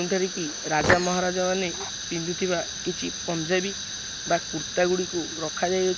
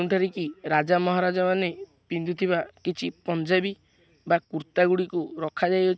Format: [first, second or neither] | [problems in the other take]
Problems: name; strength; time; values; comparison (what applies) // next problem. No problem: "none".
second | background sound (Fire); 4 dB below the speech